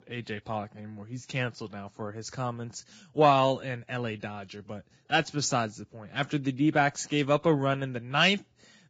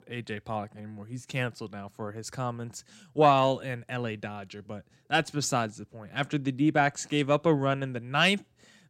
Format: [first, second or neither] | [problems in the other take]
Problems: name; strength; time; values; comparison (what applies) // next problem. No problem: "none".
second | garbled, watery; badly; nothing above 7.5 kHz